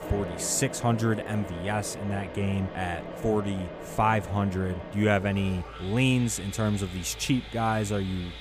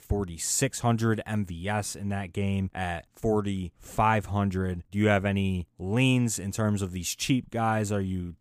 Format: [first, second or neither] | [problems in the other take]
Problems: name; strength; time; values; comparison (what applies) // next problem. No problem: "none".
second | machinery noise; noticeable; throughout; 10 dB below the speech